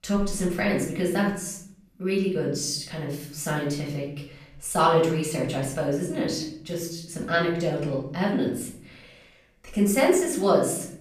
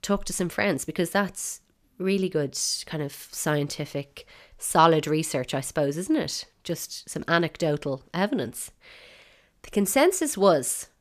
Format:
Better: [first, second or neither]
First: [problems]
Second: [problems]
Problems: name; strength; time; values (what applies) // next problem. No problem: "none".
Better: second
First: off-mic speech; far // room echo; noticeable; dies away in 0.7 s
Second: none